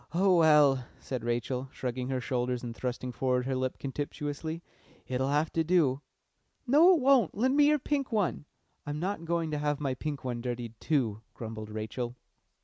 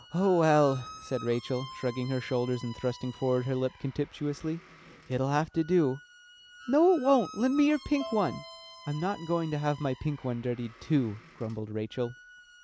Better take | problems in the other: first | background sound (Squeak + Bowed string instrument); 19 dB below the speech

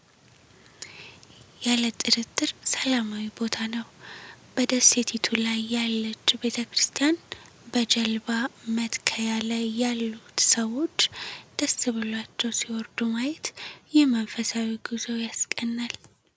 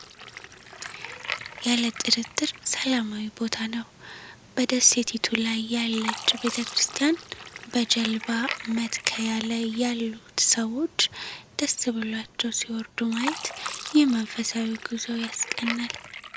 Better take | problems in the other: first | background sound (Fill (with liquid)); 13 dB below the speech

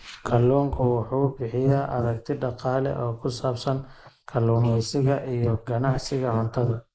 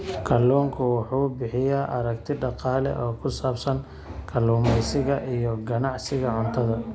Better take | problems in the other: second | noise reduction (neural mask model Resemble Enhance denoiser)

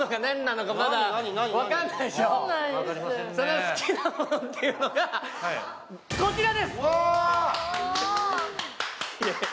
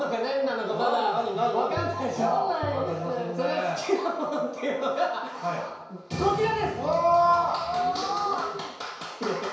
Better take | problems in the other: first | background sound (Tap); 13 dB below the speech // room echo; dies away in 0.6 s

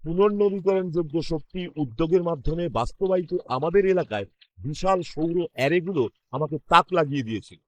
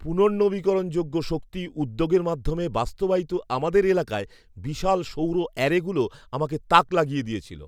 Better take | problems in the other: second | noise reduction (neural mask model Resemble Enhance denoiser)

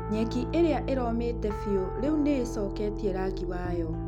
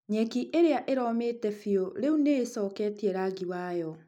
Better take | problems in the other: second | background sound (Piano); 4 dB below the speech

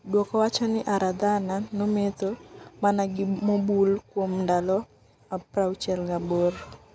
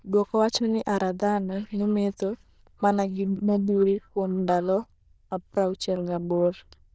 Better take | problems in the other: first | noise reduction (neural diffusion model UNIVERSE++)

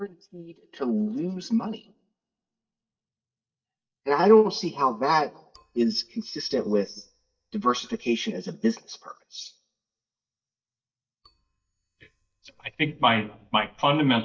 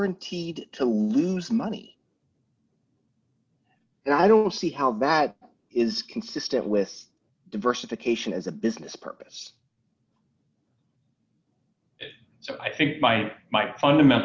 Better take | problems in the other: second | noise reduction (neural mask model DeepFilterNet 3)

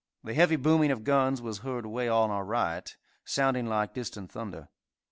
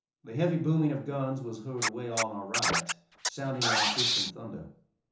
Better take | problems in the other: first | background sound (Scratching (performance technique)); 2 dB above the speech // room echo; dies away in 0.7 s

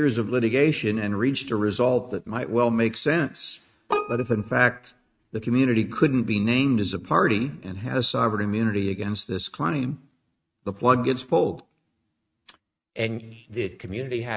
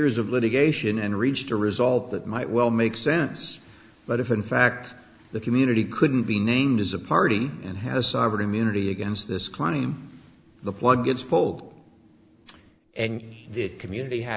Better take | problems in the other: second | noise reduction (neural mask model RNNoise)

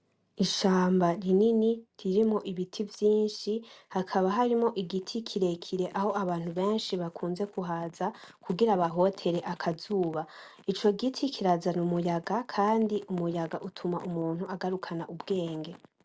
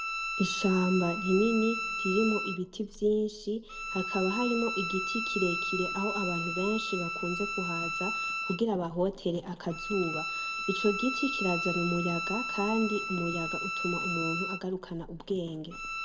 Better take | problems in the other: first | background sound (Bowed string instrument); 4 dB below the speech // room echo; dies away in 0.6 s

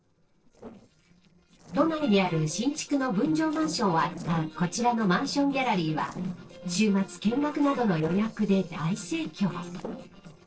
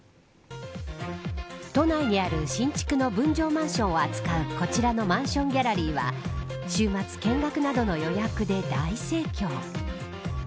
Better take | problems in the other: second | noise reduction (neural separator model SepFormer DNS4)

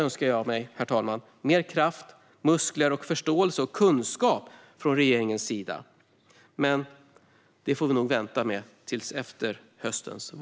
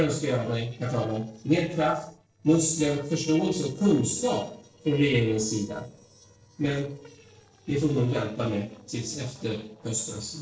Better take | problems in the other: first | noise reduction (neural separator model SepFormer DNS4)

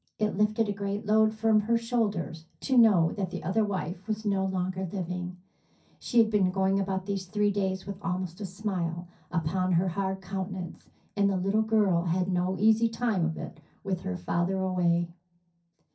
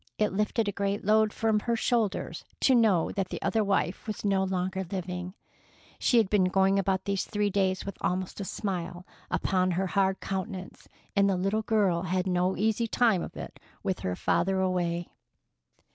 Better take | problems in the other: second | room echo; dies away in 0.3 s

